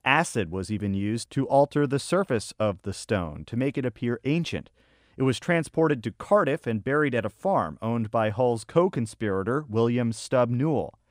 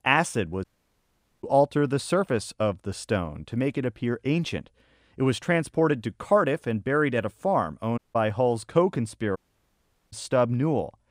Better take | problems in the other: first | audio cutting out; at 0.5 s for 1 s, at 8 s and at 9.5 s for 1 s

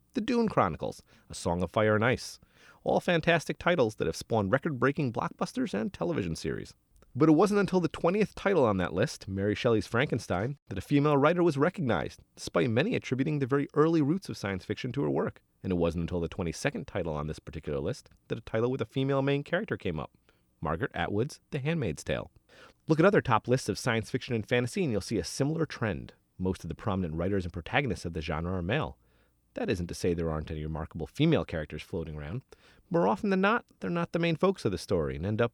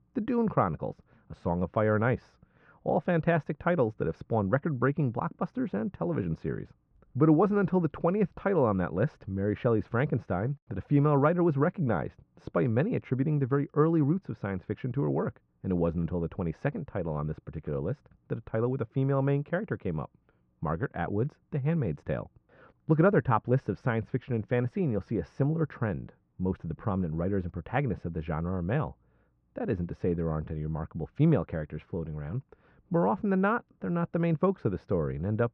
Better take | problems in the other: first | muffled; very; fading above 1.5 kHz

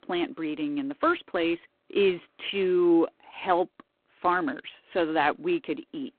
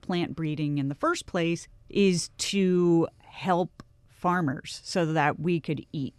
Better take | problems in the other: second | phone-call audio; poor line

